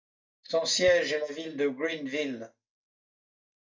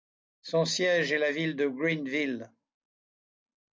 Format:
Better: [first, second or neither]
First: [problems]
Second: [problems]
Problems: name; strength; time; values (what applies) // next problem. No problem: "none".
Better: second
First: noise reduction (neural mask model DeepFilterNet 3)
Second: none